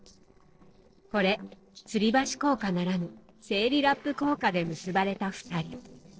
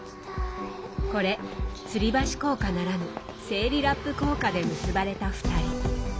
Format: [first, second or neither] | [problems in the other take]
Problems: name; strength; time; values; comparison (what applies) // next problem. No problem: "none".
second | noise reduction (neural separator model SepFormer DNS4)